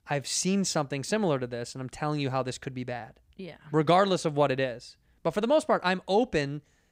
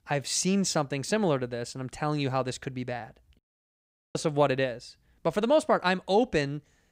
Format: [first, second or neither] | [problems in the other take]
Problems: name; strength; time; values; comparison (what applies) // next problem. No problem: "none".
first | audio cutting out; at 3.5 s for 1 s